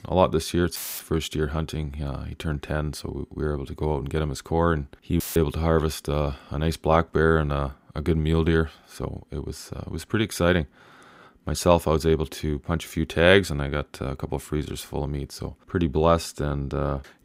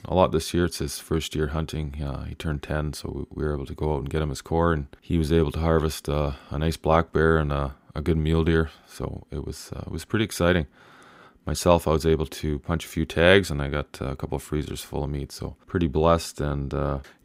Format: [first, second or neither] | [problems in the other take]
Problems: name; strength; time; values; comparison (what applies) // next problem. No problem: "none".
second | audio cutting out; filled with static; at 1 s and at 5 s